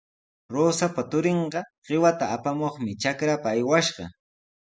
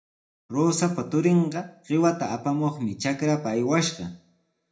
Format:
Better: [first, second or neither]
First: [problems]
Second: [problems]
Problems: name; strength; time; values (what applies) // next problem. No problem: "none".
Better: first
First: none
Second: room echo; dies away in 0.4 s